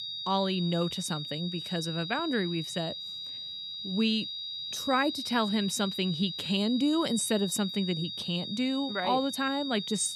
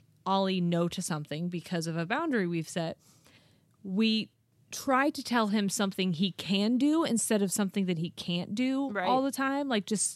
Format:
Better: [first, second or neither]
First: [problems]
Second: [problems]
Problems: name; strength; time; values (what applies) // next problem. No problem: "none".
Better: second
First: high-pitched whine; loud; throughout; 4 kHz, 5 dB below the speech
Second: none